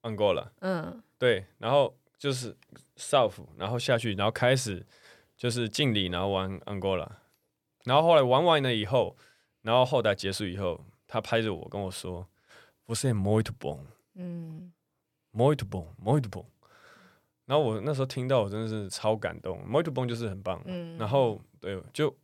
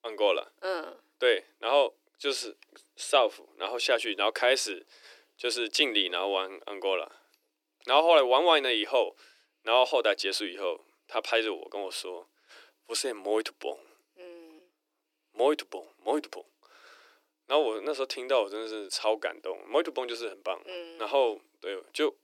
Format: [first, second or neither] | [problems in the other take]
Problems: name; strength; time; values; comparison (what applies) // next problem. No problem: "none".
first | thin; very; fading below 300 Hz